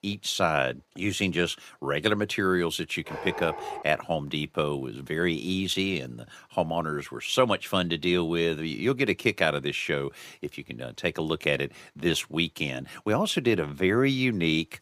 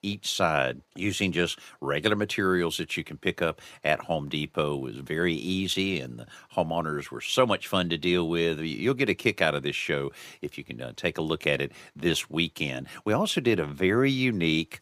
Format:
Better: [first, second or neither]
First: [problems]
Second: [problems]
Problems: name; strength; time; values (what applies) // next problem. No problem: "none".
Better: second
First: dog barking; noticeable; at 3 s; peak 8 dB below the speech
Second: none